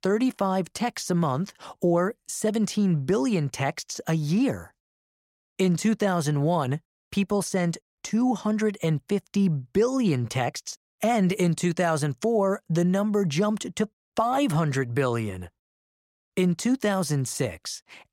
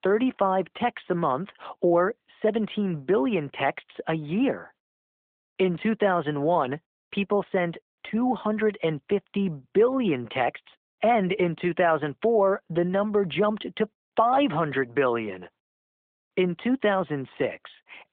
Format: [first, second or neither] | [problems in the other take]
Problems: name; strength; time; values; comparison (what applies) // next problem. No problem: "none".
first | phone-call audio